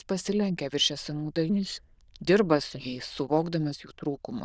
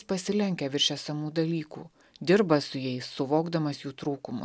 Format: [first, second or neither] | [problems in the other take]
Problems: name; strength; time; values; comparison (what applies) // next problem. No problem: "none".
second | noise reduction (neural diffusion model UNIVERSE++)